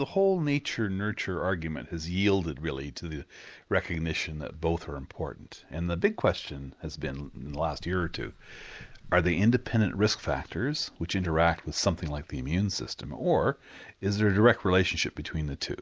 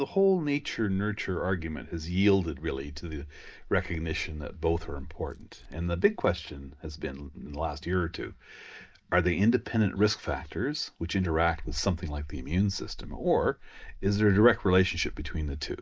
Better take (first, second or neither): first